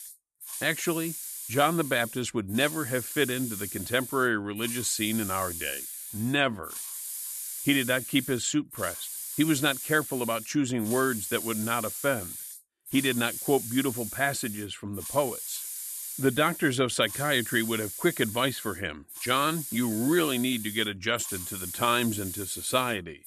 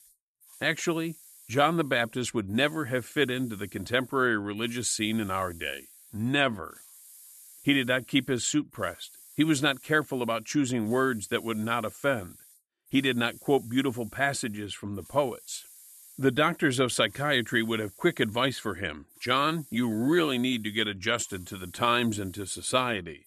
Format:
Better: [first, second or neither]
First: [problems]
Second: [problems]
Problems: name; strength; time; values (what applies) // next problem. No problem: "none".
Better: second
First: hiss; loud; throughout; 8 dB below the speech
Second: hiss; faint; throughout; 20 dB below the speech